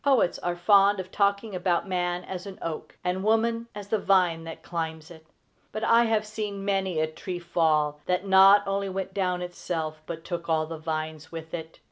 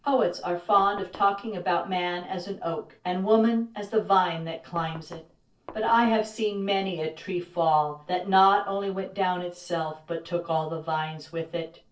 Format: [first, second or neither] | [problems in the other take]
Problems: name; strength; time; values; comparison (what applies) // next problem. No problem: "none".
first | noise reduction (neural separator model SepFormer DNS4)